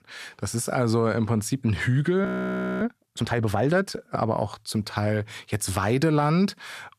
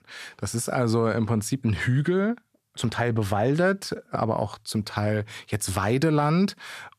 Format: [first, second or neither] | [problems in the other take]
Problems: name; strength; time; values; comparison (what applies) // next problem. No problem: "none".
second | audio freezing; at 2.5 s for 0.5 s